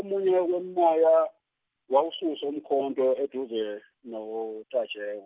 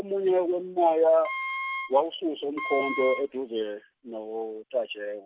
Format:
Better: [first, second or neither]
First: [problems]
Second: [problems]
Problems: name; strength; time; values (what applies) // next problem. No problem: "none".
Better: first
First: none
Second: background sound (Wind instrument, woodwind instrument); 8 dB below the speech